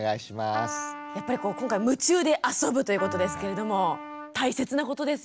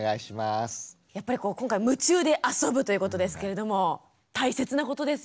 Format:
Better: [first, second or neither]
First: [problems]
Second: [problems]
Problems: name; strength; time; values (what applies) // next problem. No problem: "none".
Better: second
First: background sound (Trumpet); 11 dB below the speech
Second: none